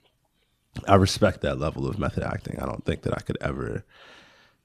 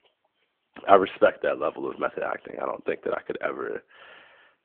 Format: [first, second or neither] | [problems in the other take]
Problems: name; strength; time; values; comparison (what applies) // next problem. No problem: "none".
first | phone-call audio